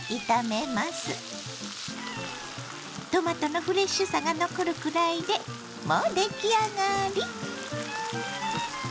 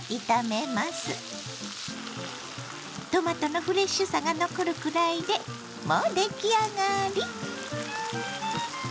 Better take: second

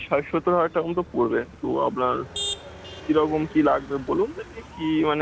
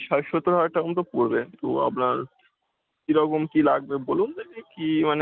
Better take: second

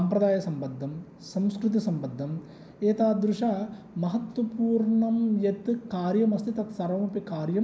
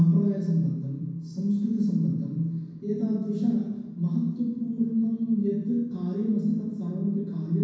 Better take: first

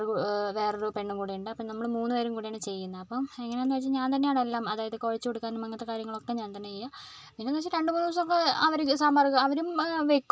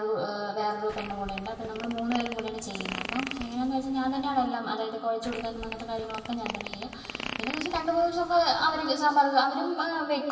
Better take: first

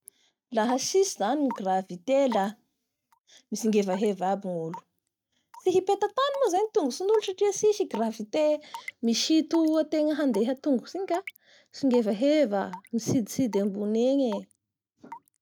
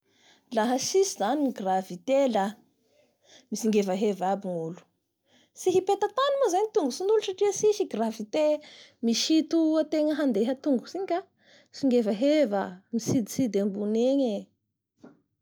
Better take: second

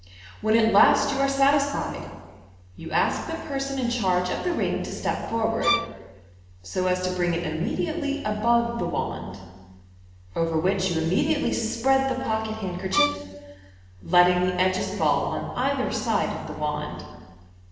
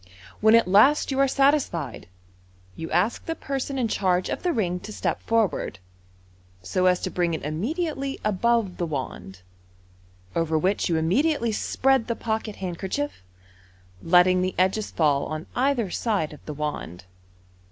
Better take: second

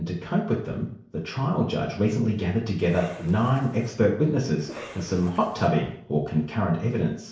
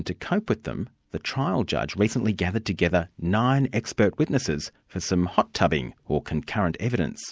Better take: second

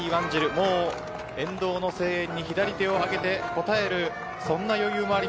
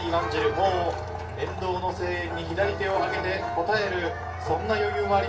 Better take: first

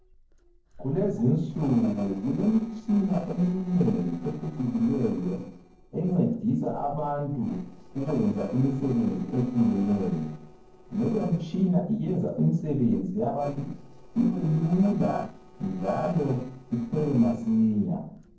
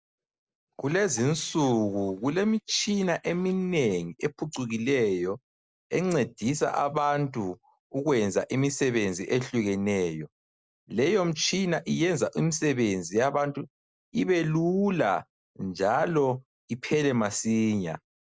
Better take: second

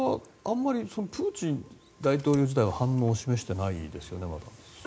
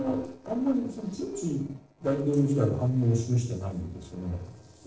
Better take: first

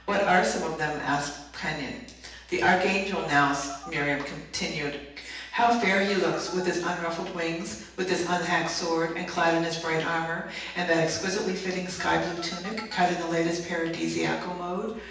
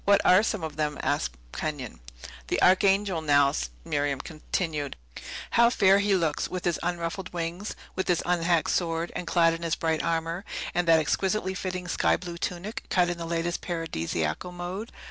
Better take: second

